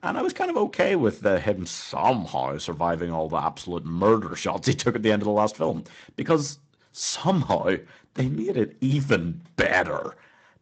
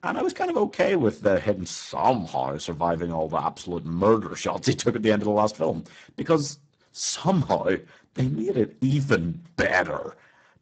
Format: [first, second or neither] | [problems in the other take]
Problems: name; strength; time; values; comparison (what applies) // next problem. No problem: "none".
first | garbled, watery; badly; nothing above 8 kHz; slightly in the first